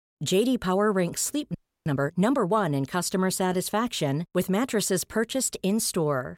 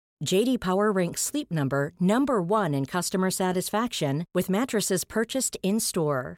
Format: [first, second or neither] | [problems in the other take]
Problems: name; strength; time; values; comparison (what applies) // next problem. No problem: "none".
second | audio freezing; at 1.5 s